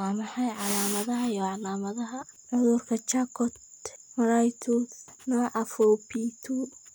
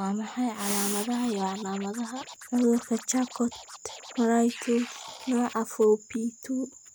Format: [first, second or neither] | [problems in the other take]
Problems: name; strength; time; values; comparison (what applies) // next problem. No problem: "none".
first | background sound (Scratching (performance technique)); 19 dB below the speech